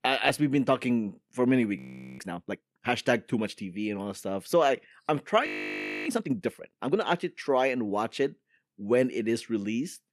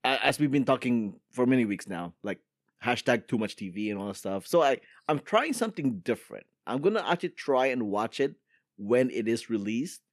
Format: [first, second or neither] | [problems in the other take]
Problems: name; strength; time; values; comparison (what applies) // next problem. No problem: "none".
second | audio freezing; at 2 s and at 5.5 s for 0.5 s